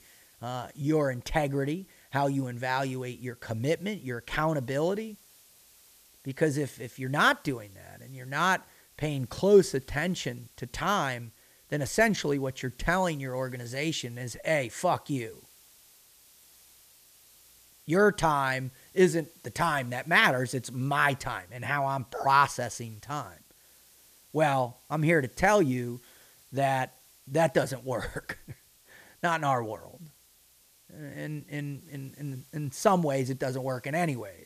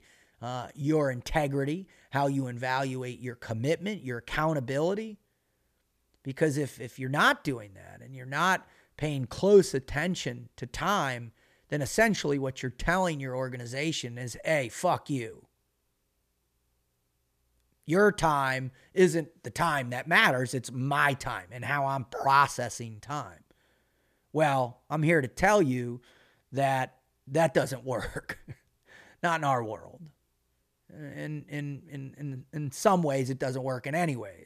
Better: second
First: hiss; faint; throughout; 25 dB below the speech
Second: none

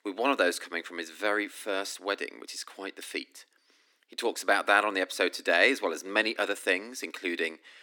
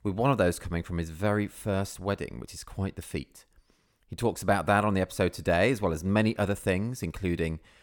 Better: second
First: thin; somewhat; fading below 250 Hz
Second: none

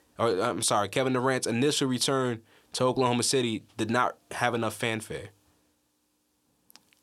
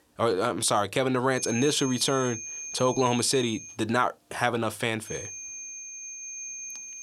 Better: first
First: none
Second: high-pitched whine; loud; from 1.5 to 3.5 s and from 5 s on; 6.5 kHz, 10 dB below the speech

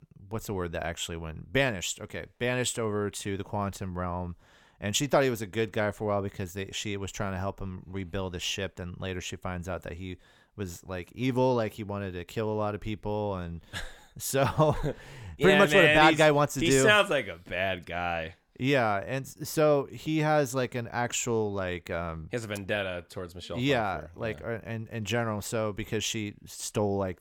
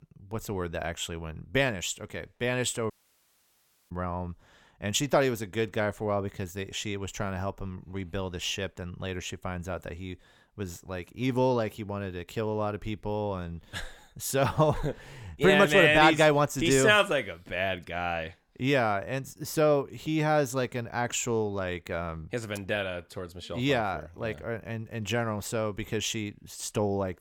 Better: first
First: none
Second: audio cutting out; at 3 s for 1 s

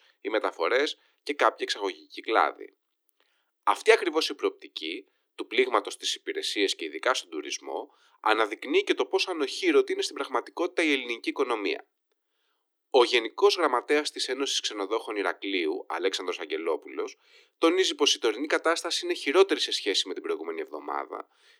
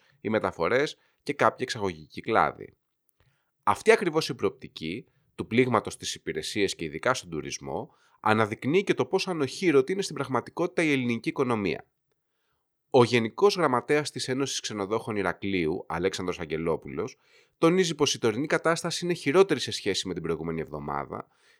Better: second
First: thin; somewhat; fading below 300 Hz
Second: none

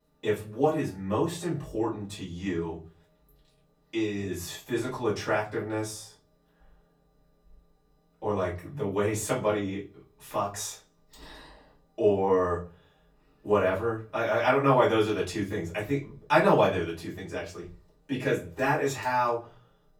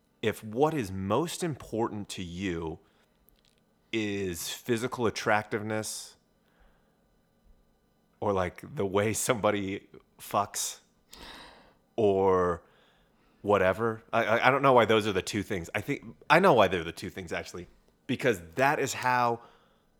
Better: second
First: off-mic speech; far // room echo; slight; dies away in 0.3 s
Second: none

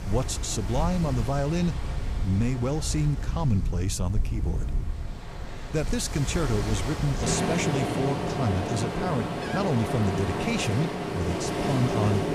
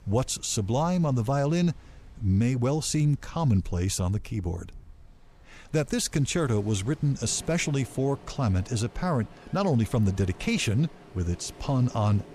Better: second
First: rain or running water; loud; throughout; 2 dB below the speech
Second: rain or running water; faint; throughout; 25 dB below the speech

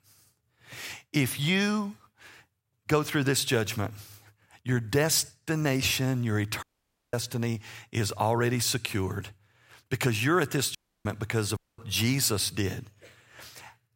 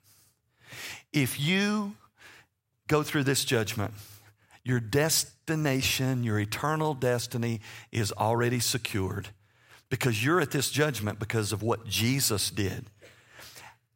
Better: second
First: audio cutting out; at 6.5 s for 0.5 s, at 11 s and at 12 s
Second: none

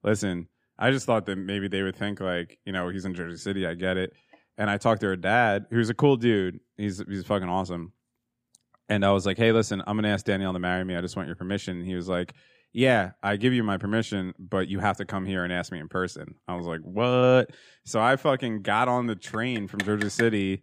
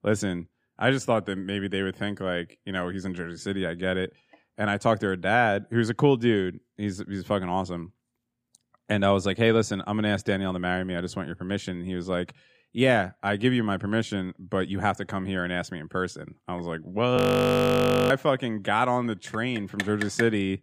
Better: first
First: none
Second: audio freezing; at 17 s for 1 s

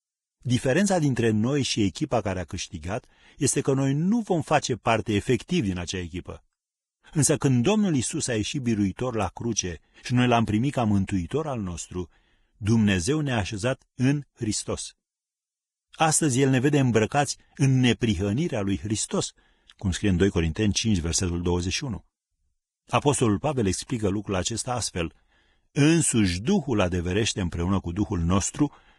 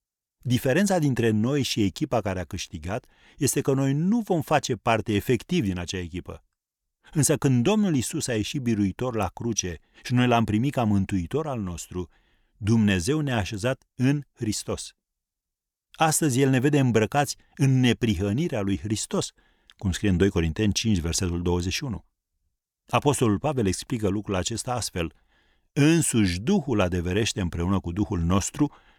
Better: second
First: garbled, watery; badly; nothing above 10.5 kHz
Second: none

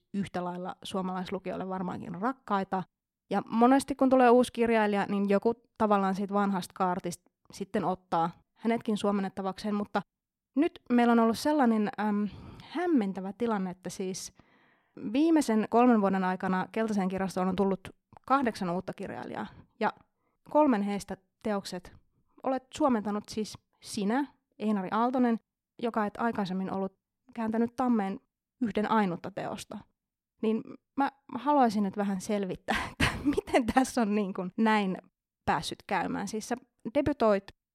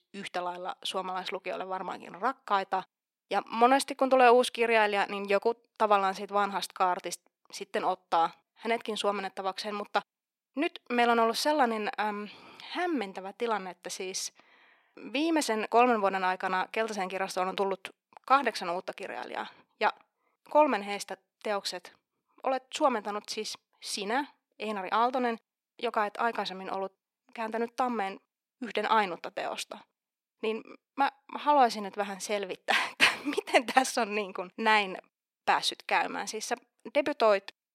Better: first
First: none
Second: thin; somewhat; fading below 450 Hz

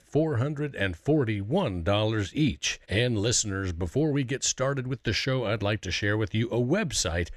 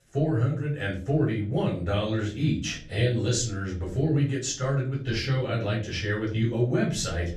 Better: first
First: none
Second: room echo; slight; dies away in 0.4 s // off-mic speech; far

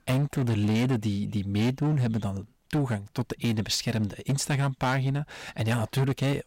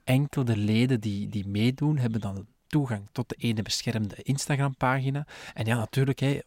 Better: second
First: distortion; slight; 12% of the sound clipped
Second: none

